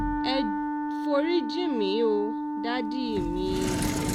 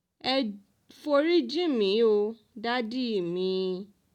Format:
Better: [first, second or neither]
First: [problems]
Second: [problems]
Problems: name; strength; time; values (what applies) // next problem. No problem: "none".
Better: second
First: background sound (Sliding door + Wind instrument, woodwind instrument); as loud as the speech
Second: none